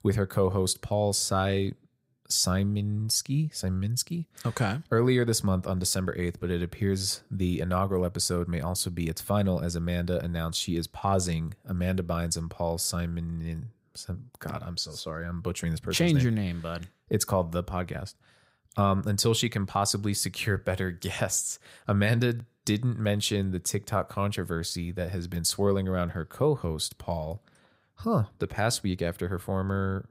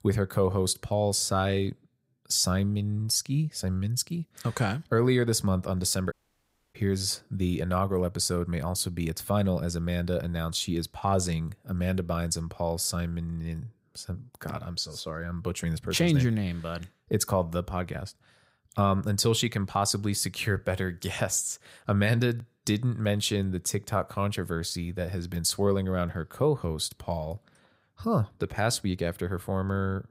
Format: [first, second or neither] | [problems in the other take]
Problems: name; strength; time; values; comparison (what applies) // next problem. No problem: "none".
first | audio cutting out; at 6 s for 0.5 s